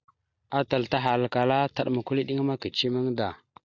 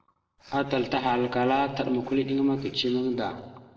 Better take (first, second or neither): first